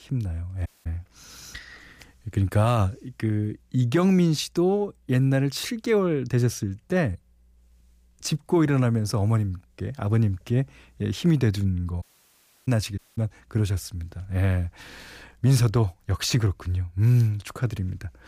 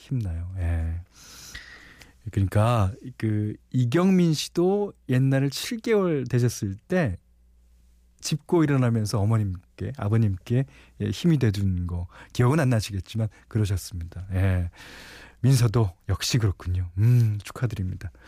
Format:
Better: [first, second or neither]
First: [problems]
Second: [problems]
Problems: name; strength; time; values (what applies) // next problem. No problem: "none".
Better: second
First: audio cutting out; at 0.5 s, at 12 s for 0.5 s and at 13 s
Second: none